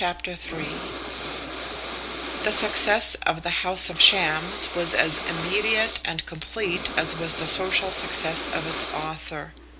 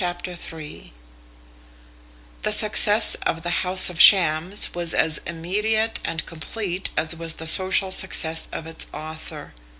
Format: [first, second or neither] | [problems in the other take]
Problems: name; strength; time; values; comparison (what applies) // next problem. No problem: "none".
second | background sound (Breathing); 7 dB below the speech